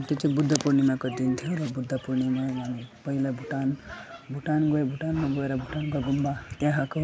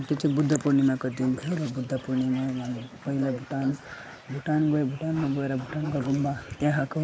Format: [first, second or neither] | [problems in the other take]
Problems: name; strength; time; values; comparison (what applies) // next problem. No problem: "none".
first | noise reduction (neural mask model Resemble Enhance denoiser)